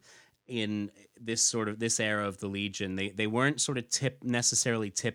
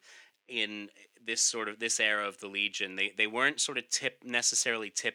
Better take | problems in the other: first | thin; somewhat; fading below 400 Hz

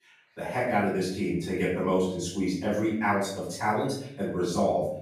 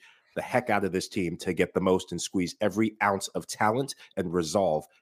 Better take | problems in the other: second | off-mic speech; far // room echo; noticeable; dies away in 0.8 s

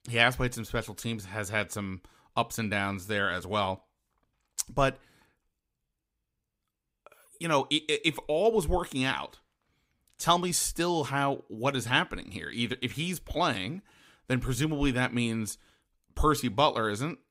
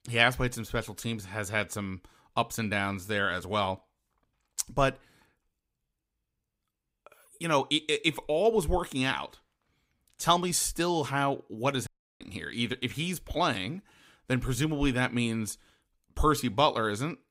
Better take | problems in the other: first | audio cutting out; at 12 s

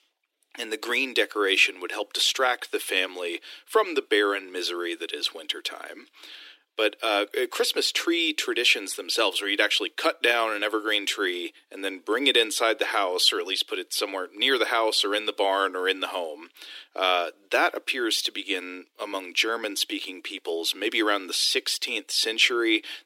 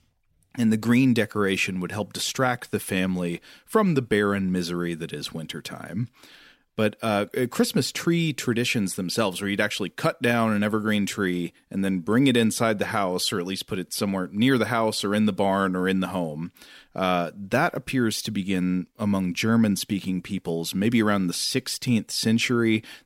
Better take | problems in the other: second | thin; very; fading below 300 Hz

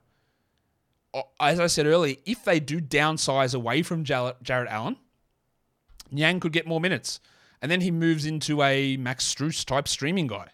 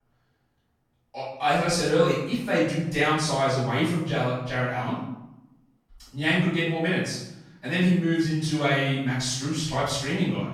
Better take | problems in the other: first | off-mic speech; far // room echo; strong; dies away in 0.8 s

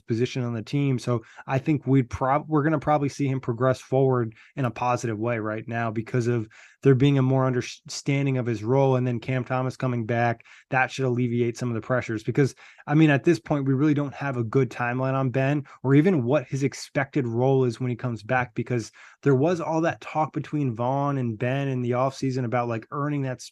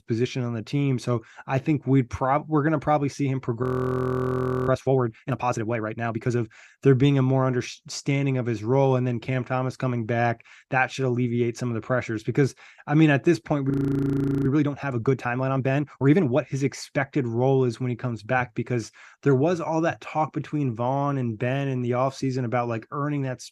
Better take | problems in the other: first | audio freezing; at 3.5 s for 1 s and at 14 s for 1 s

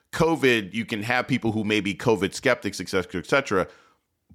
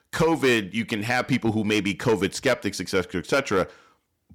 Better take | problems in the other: first | distortion; slight; 4% of the sound clipped

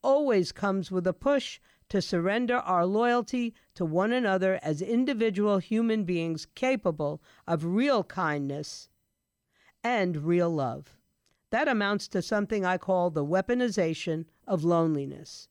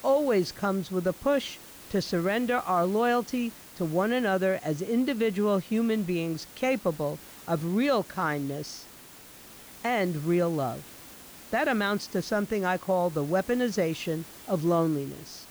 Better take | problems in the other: first | hiss; noticeable; throughout; 20 dB below the speech

